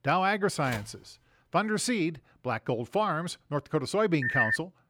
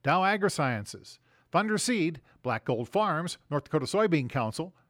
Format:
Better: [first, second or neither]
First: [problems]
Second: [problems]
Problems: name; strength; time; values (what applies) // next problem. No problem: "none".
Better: second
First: phone ringing; faint; at 0.5 s; peak 10 dB below the speech // phone ringing; loud; at 4 s; peak 4 dB above the speech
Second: none